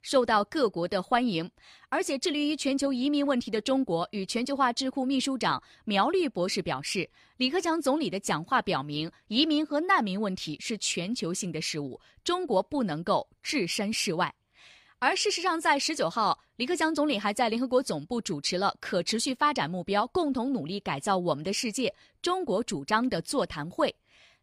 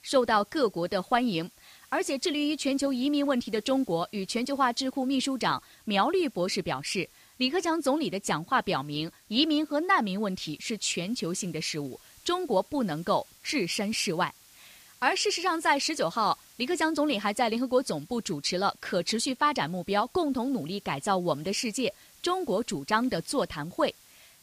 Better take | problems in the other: first | hiss; faint; throughout; 25 dB below the speech

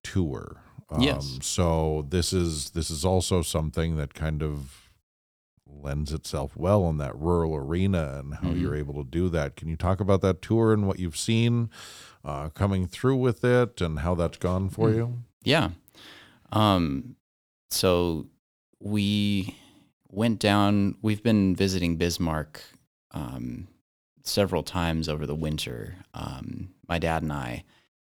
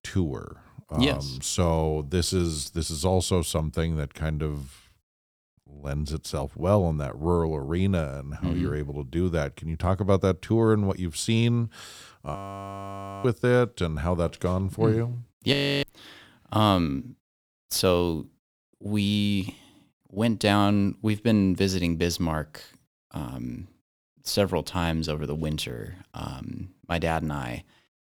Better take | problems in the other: first | audio freezing; at 12 s for 1 s and at 16 s

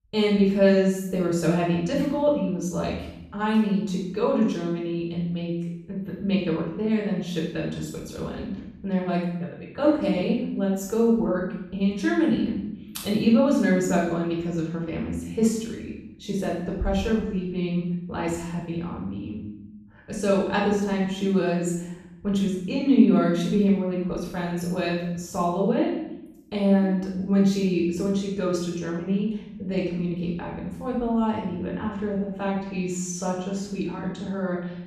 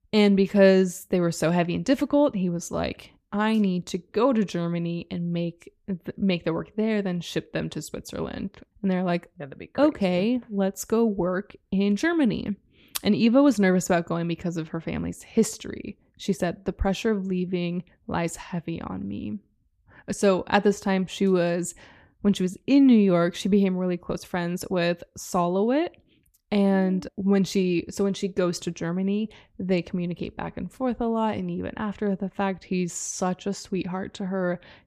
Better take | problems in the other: second | off-mic speech; far // room echo; noticeable; dies away in 0.8 s

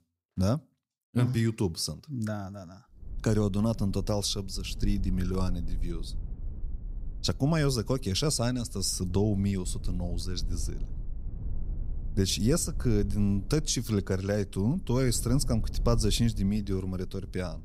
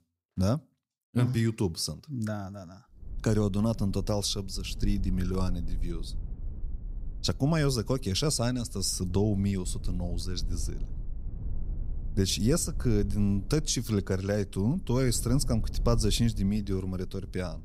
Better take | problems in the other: neither | low rumble; faint; from 3 s on; 25 dB below the speech; the same in both

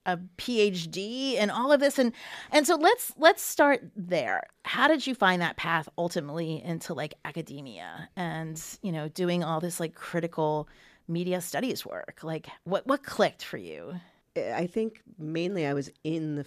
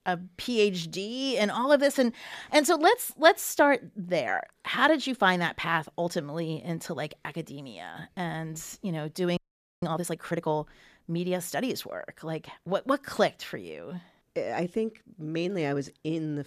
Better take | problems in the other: first | audio freezing; at 9.5 s

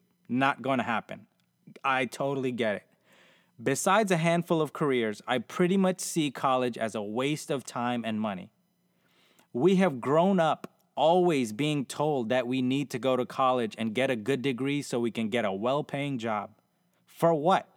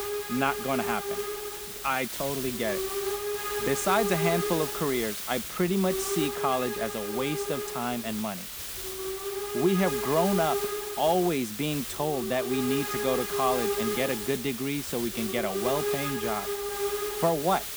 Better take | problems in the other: first | hiss; loud; throughout; 2 dB below the speech

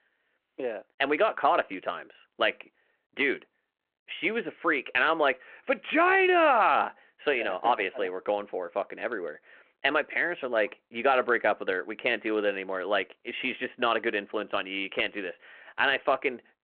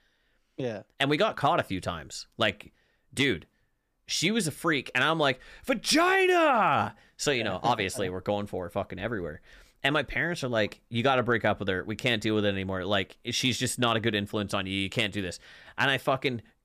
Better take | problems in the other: second | phone-call audio

